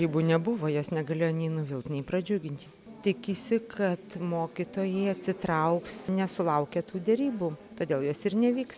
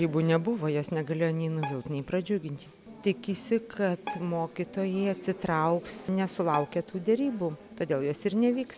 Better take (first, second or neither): first